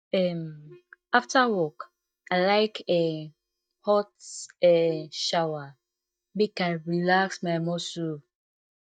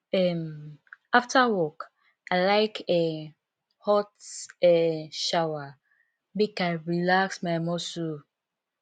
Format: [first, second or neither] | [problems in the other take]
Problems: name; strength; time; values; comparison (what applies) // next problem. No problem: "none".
second | noise reduction (neural mask model DeepFilterNet 3)